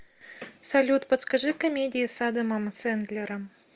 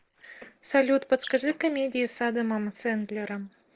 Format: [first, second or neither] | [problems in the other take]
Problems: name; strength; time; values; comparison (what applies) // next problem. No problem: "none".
first | noise reduction (neural separator model SepFormer DNS4)